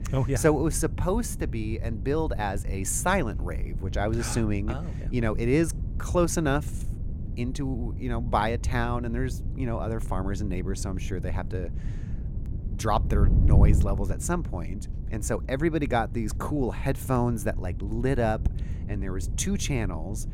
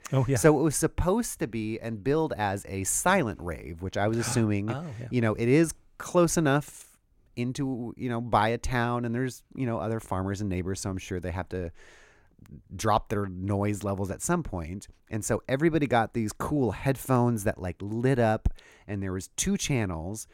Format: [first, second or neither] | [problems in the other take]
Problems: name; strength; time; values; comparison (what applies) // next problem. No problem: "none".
second | wind noise on the microphone; occasional gusts; 15 dB below the speech